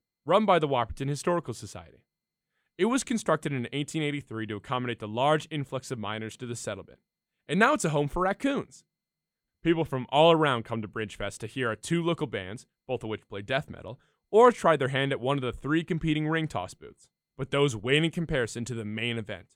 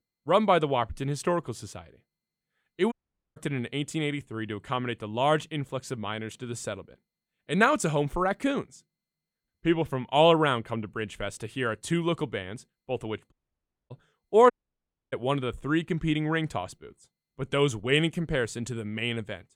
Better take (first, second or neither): first